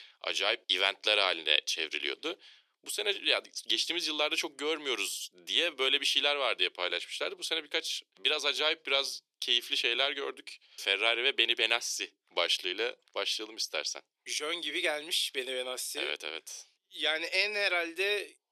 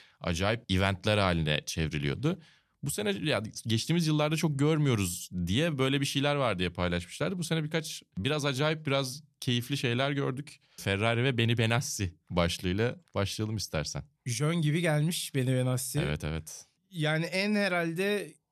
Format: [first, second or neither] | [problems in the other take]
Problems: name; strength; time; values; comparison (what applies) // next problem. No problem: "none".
second | thin; very; fading below 350 Hz